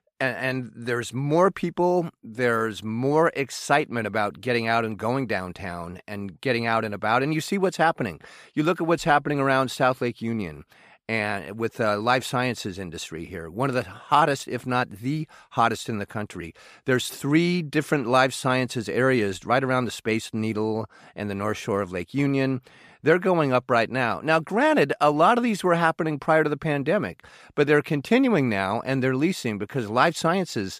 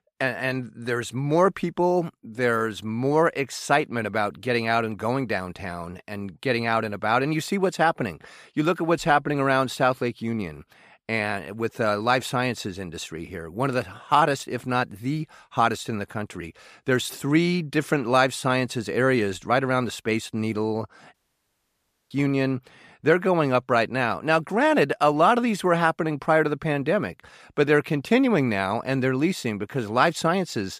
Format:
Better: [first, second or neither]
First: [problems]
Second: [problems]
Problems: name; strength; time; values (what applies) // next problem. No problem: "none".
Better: first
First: none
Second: audio cutting out; at 21 s for 1 s